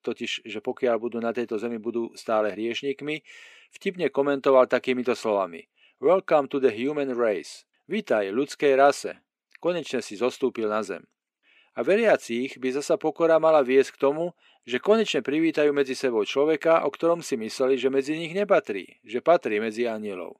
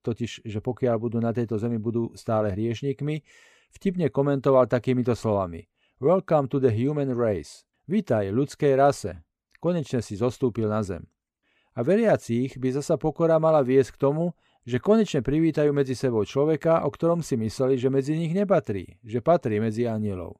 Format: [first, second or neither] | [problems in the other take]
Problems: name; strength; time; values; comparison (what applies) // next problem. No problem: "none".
second | thin; very slightly; fading below 300 Hz